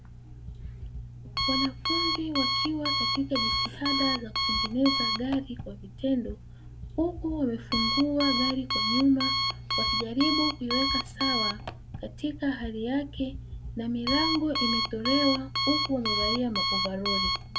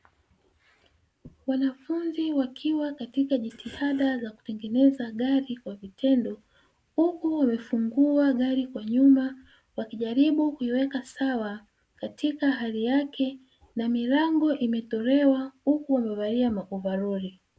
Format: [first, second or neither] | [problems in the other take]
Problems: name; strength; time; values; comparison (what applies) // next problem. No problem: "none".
second | background sound (Alarm); as loud as the speech